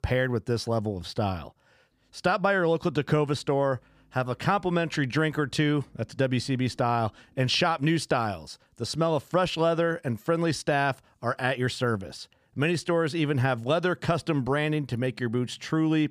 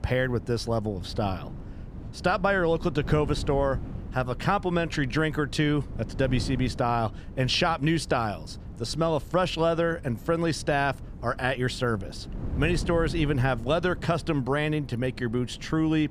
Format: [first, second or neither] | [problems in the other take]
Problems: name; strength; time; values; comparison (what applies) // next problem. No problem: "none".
first | wind noise on the microphone; occasional gusts; 20 dB below the speech